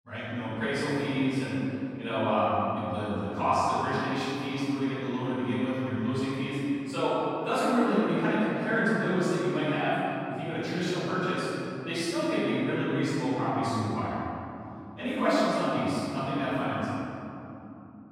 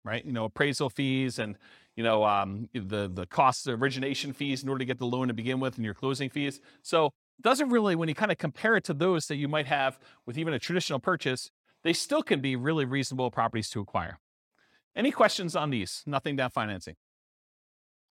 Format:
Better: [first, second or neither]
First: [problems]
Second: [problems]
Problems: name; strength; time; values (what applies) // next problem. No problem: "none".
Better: second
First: off-mic speech; far // room echo; strong; dies away in 3 s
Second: none